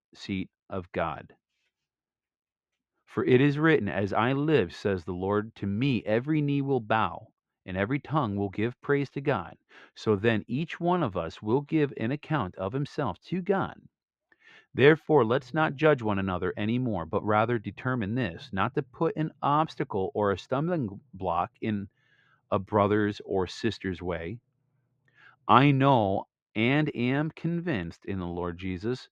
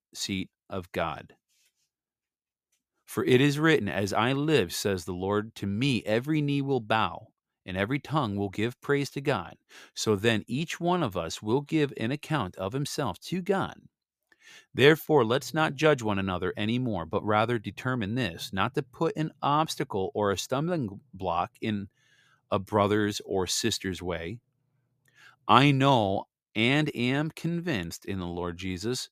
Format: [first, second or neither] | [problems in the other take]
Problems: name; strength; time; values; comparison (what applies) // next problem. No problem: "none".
second | muffled; slightly; fading above 2.5 kHz